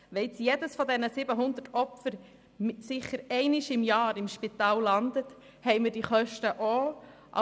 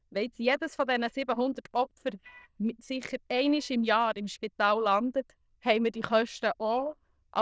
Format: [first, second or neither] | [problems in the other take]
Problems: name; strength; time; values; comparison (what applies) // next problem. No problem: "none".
first | noise reduction (neural diffusion model UNIVERSE++)